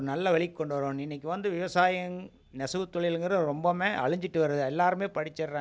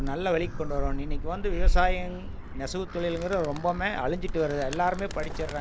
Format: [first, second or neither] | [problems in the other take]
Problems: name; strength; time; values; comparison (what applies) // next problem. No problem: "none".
first | background sound (Animal); 1 dB above the speech